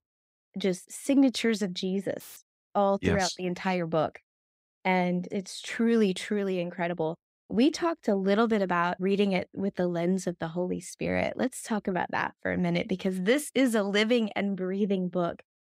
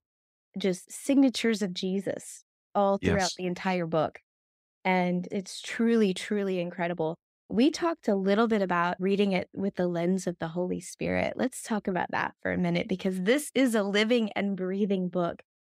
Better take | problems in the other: second | audio cutting out; filled with static; at 2 s

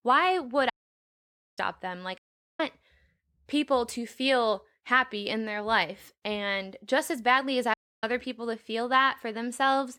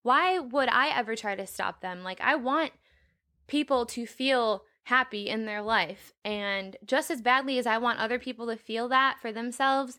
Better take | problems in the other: second | audio cutting out; at 0.5 s for 1 s, at 2 s and at 7.5 s

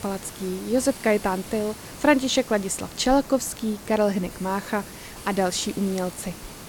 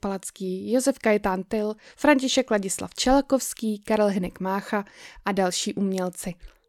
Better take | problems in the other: second | hiss; noticeable; throughout; 15 dB below the speech

